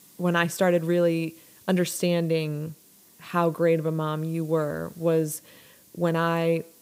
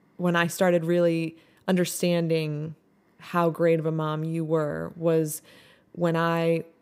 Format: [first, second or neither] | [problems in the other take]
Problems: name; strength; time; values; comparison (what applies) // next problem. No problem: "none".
second | hiss; faint; throughout; 25 dB below the speech